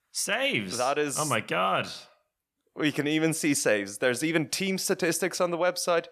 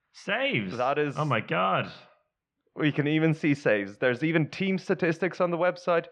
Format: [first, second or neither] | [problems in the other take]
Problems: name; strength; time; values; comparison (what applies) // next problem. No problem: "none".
first | muffled; very; fading above 3 kHz